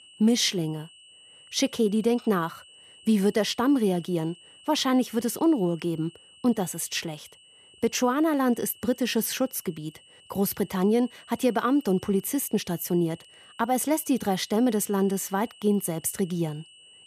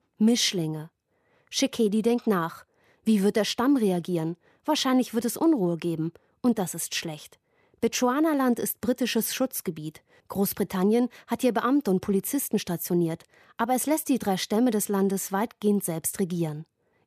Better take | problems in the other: second | high-pitched whine; faint; throughout; 3 kHz, 25 dB below the speech

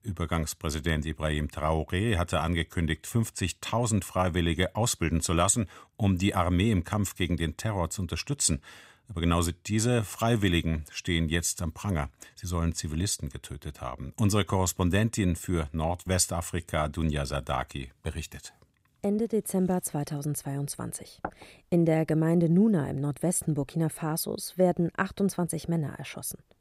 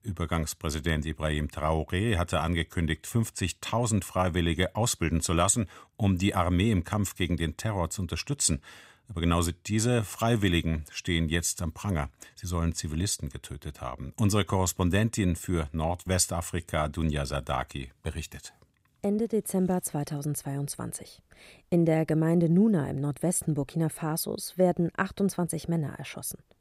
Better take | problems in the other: second | door banging; faint; at 21 s; peak 10 dB below the speech

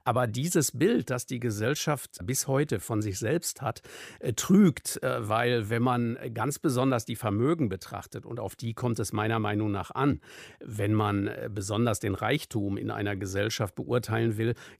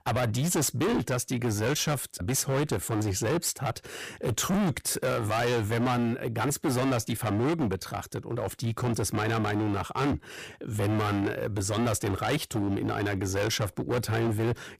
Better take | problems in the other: first | distortion; heavy; 22% of the sound clipped

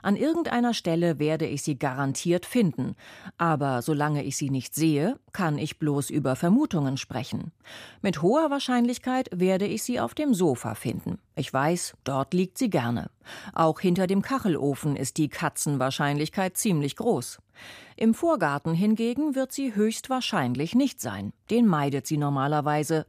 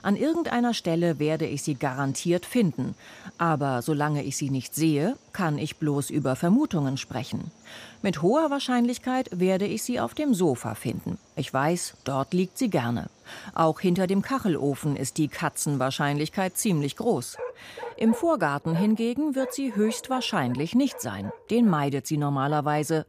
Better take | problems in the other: first | animal sounds; faint; throughout; 20 dB below the speech

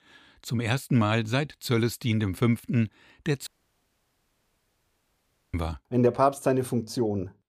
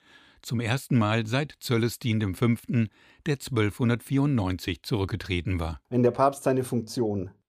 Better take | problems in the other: second | audio cutting out; at 3.5 s for 2 s

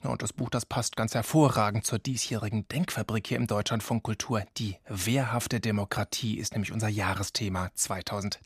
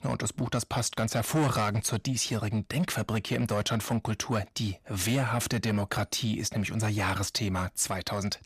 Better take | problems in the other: first | distortion; slight; 10 dB below the speech

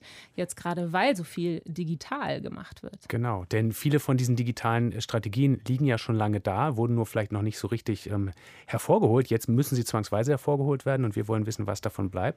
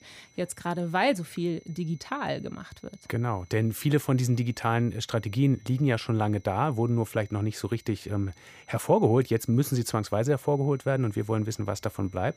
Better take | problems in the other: first | high-pitched whine; faint; throughout; 2 kHz, 30 dB below the speech

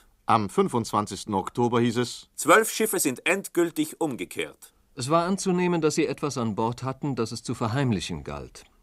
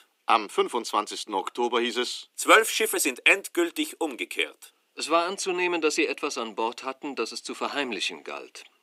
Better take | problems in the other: first | thin; somewhat; fading below 300 Hz

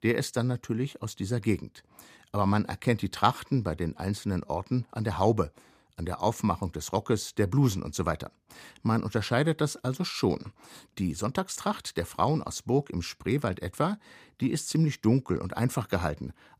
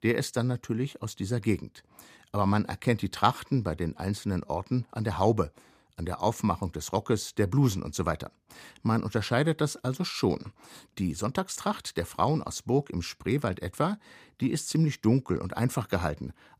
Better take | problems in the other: neither | none

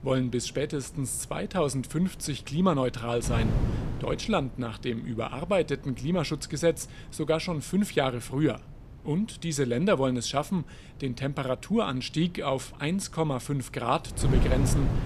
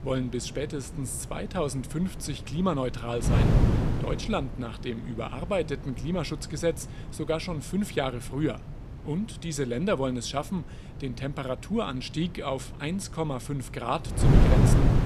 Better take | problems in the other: first | wind noise on the microphone; heavy; 4 dB below the speech; occasional gusts in the first

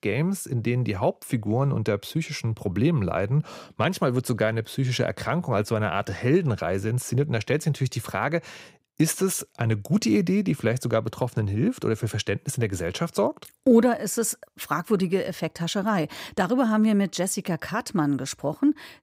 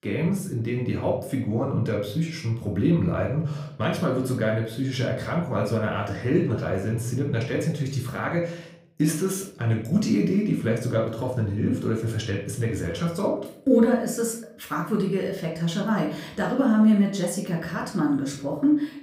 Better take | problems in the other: first | off-mic speech; somewhat distant // room echo; slight; dies away in 0.5 s

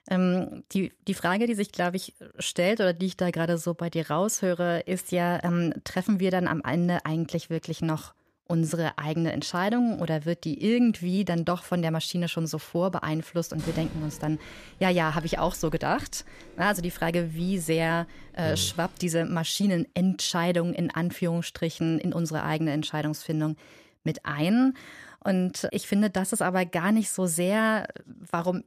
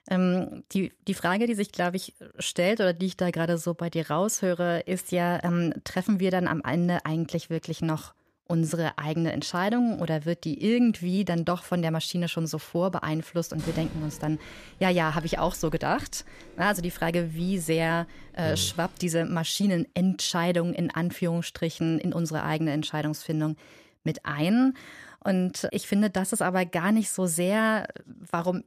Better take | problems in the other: neither | door banging; faint; from 14 to 19 s; peak 10 dB below the speech; the same in both

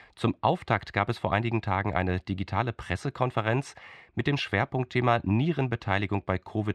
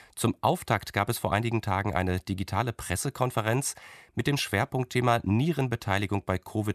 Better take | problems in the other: second | muffled; slightly; fading above 3 kHz

